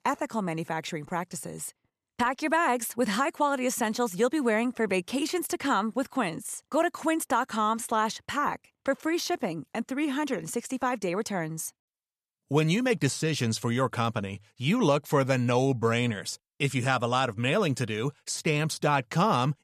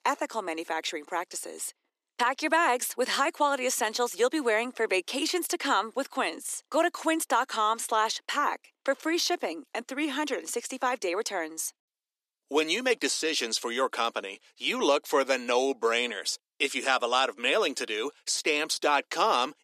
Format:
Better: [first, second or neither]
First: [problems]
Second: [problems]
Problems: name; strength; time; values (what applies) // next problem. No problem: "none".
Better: first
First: none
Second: thin; somewhat; fading below 300 Hz